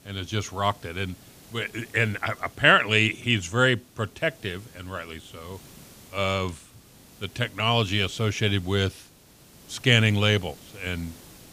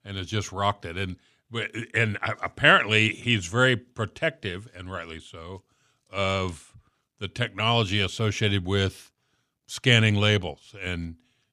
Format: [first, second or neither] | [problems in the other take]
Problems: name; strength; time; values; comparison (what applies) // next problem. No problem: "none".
second | hiss; faint; throughout; 25 dB below the speech